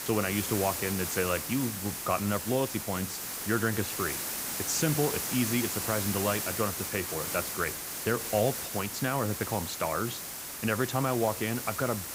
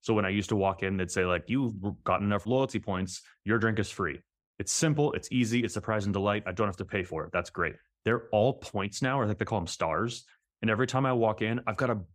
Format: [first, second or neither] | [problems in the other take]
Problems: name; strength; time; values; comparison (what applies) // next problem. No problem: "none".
second | hiss; loud; throughout; 2 dB below the speech